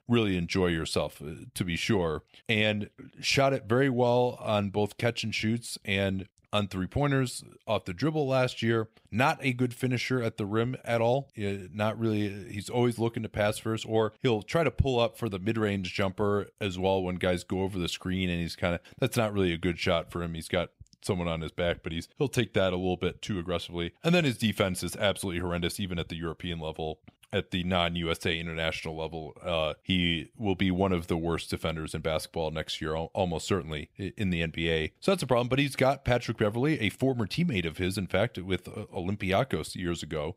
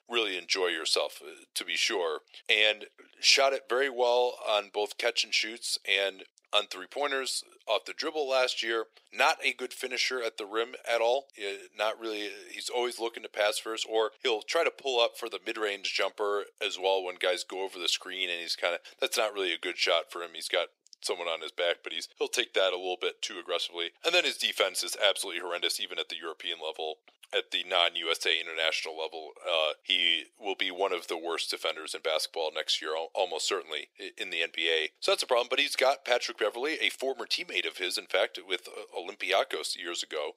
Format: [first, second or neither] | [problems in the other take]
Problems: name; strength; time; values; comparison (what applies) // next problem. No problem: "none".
first | thin; very; fading below 400 Hz